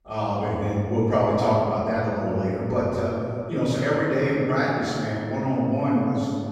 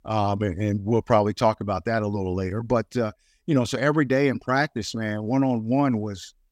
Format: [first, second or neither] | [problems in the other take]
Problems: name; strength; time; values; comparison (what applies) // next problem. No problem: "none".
second | room echo; strong; dies away in 2.3 s // off-mic speech; far